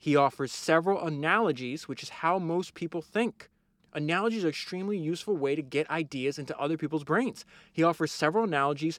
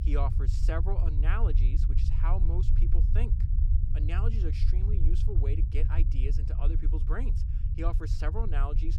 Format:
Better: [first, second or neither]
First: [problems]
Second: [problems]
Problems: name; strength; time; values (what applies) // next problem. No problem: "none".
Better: first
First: none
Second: low rumble; loud; throughout; 6 dB below the speech